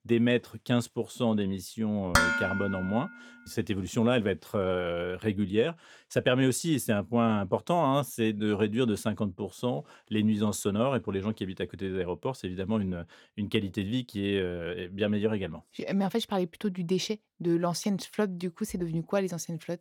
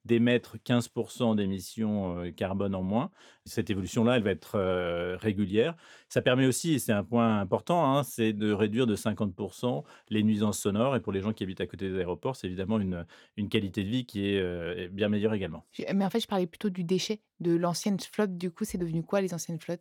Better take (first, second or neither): second